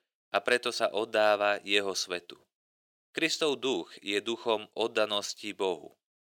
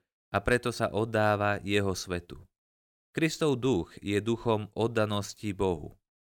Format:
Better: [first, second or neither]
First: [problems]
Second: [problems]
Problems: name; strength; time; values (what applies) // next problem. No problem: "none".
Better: second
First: thin; somewhat; fading below 400 Hz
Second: none